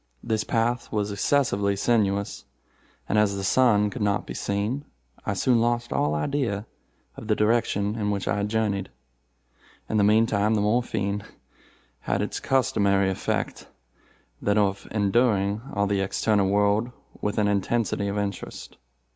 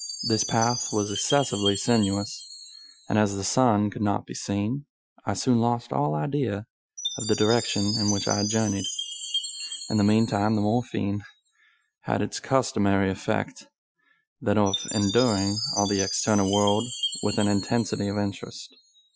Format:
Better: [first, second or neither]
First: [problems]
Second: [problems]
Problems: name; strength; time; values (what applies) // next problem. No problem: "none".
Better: first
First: none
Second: noise reduction (classical method Wiener filter)